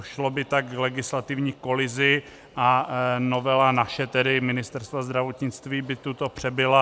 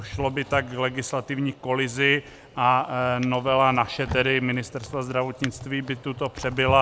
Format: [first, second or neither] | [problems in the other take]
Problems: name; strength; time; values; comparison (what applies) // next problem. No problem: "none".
first | background sound (Drawer open or close); 15 dB below the speech